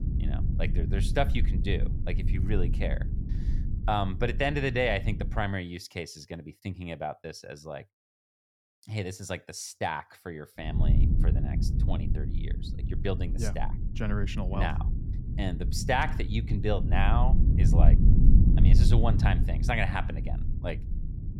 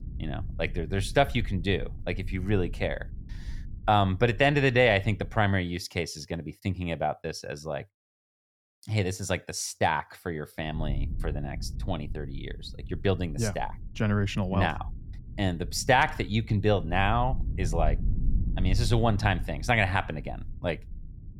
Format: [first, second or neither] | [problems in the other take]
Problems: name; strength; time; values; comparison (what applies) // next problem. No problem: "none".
second | low rumble; loud; until 5.5 s and from 11 s on; 9 dB below the speech; faint in the second